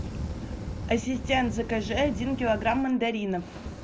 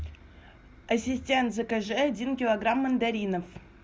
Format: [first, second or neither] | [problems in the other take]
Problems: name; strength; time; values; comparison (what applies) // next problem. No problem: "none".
second | background sound (Fire); 7 dB below the speech